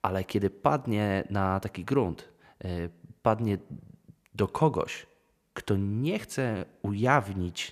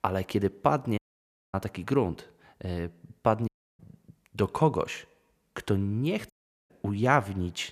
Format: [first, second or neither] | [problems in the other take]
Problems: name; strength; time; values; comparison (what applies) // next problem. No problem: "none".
first | audio cutting out; at 1 s for 0.5 s, at 3.5 s and at 6.5 s